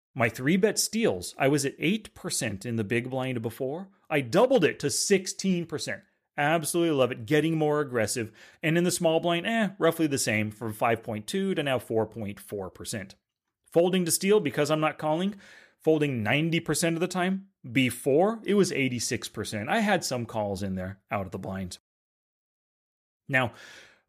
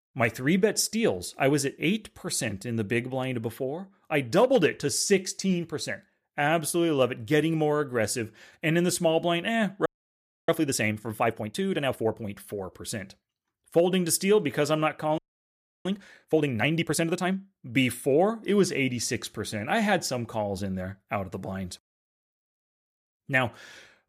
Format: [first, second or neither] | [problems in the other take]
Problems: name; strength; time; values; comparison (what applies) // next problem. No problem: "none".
first | audio freezing; at 10 s for 0.5 s and at 15 s for 0.5 s